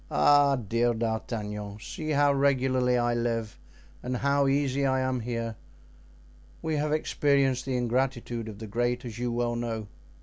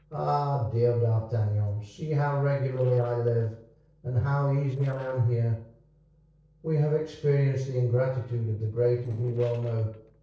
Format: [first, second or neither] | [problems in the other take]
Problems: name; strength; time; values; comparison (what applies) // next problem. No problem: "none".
first | noise reduction (neural separator model SepFormer DNS4)